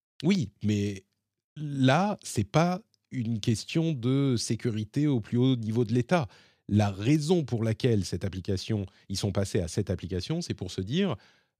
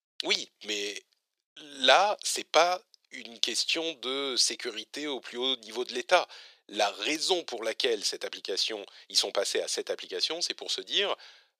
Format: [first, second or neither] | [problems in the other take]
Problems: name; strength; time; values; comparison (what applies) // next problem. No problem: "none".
first | thin; very; fading below 450 Hz